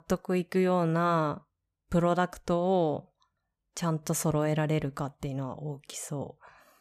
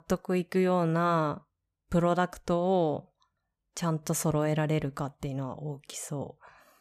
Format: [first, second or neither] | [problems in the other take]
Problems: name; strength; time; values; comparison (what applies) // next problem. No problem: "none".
neither | none